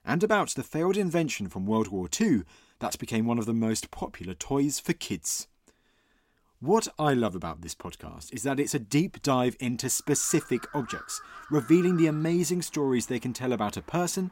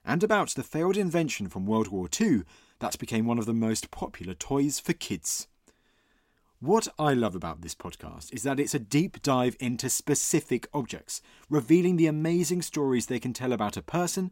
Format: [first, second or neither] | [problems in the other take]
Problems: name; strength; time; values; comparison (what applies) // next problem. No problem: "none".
second | animal sounds; noticeable; from 10 s on; 15 dB below the speech